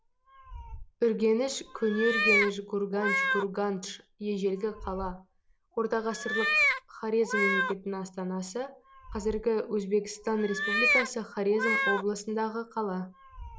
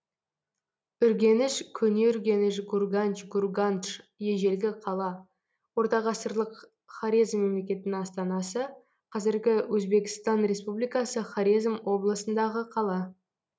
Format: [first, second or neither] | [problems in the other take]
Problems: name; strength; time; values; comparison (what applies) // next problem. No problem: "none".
second | background sound (Meow); 2 dB below the speech